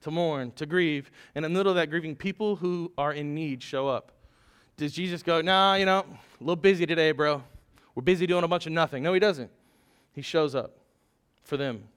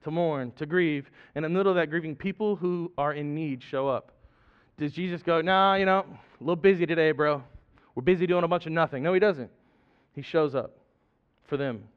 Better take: first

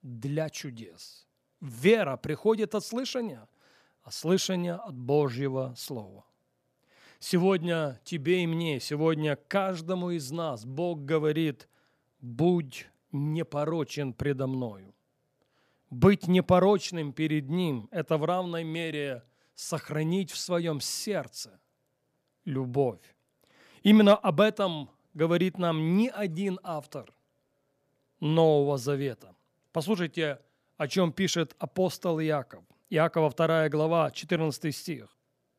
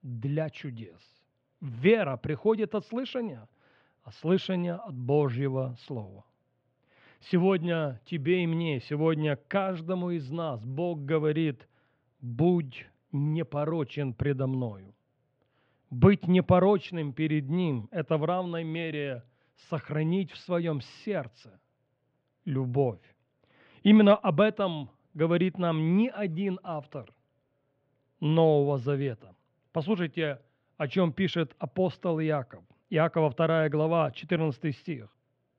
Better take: first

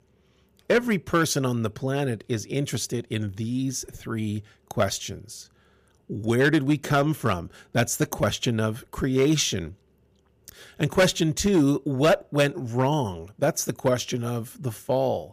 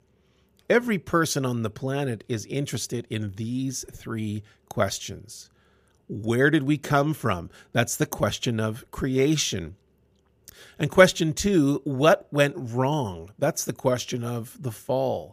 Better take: second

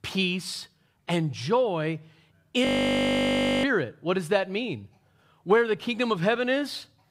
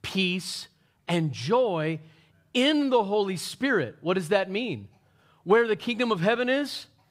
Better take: second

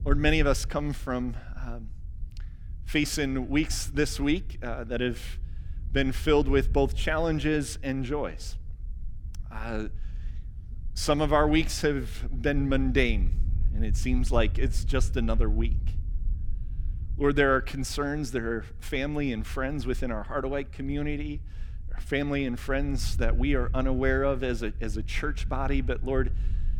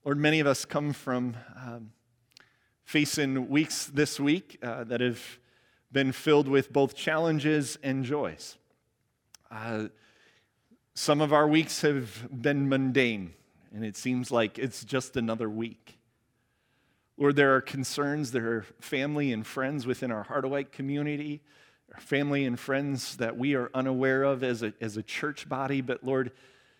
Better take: second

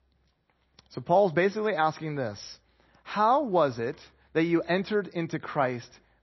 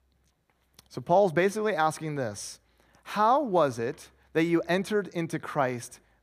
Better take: second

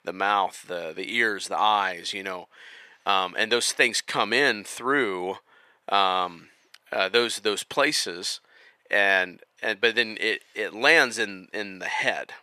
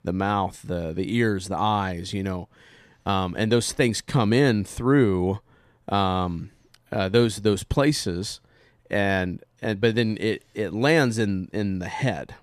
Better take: second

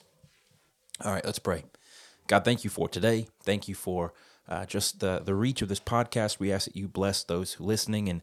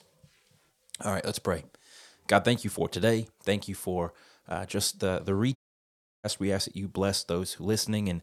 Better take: first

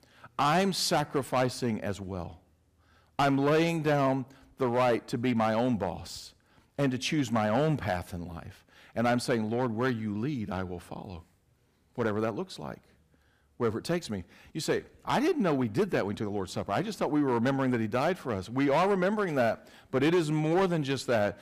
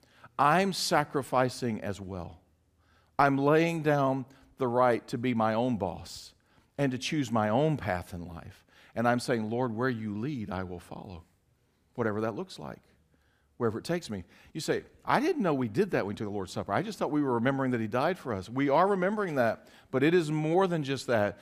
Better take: second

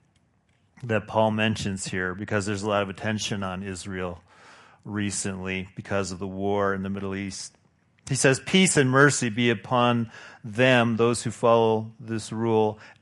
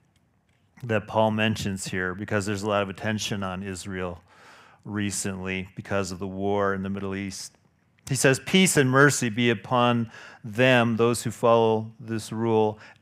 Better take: second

